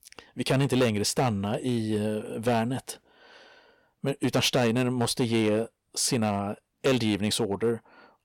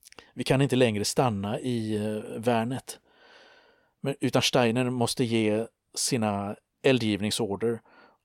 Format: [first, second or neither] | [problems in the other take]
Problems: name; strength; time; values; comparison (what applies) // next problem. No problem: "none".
second | distortion; slight; 5% of the sound clipped